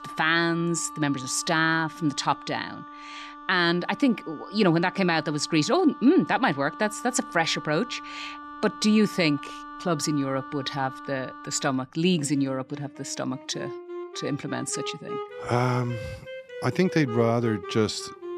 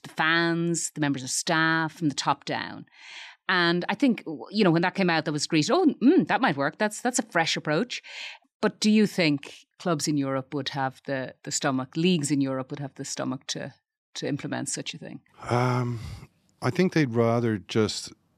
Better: second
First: background music; noticeable; throughout; 15 dB below the speech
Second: none

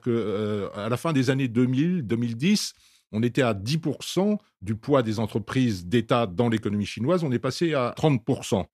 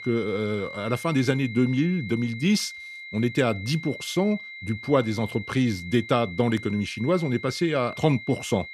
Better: first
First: none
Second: high-pitched whine; noticeable; throughout; 2 kHz, 10 dB below the speech

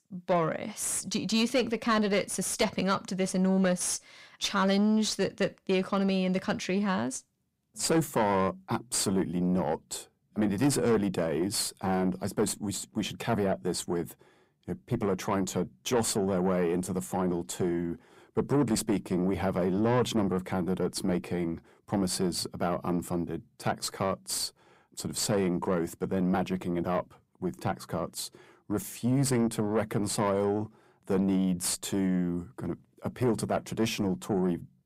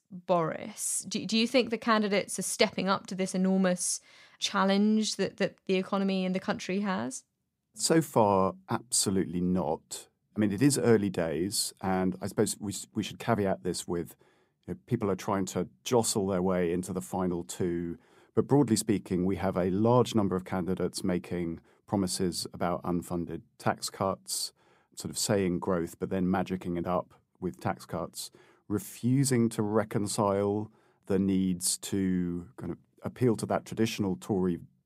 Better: second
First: distortion; slight; 10 dB below the speech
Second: none

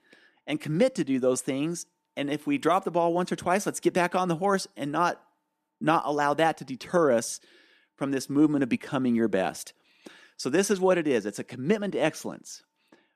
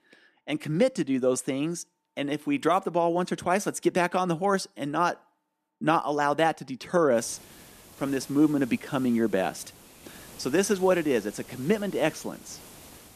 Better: first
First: none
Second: hiss; faint; from 7 s on; 20 dB below the speech

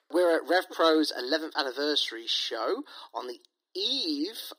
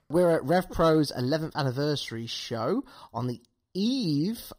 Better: second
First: thin; somewhat; fading below 300 Hz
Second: none

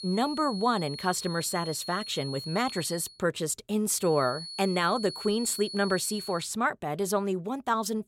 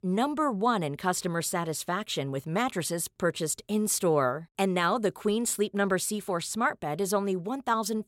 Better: second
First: high-pitched whine; loud; until 3 s and from 4 to 6.5 s; 4.5 kHz, 9 dB below the speech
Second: none

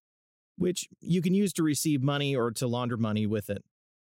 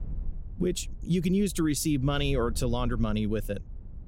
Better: first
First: none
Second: low rumble; faint; throughout; 25 dB below the speech

